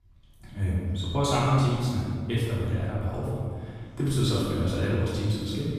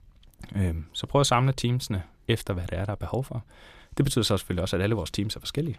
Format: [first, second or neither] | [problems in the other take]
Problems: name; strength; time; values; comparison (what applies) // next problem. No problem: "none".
second | room echo; strong; dies away in 1.9 s // off-mic speech; far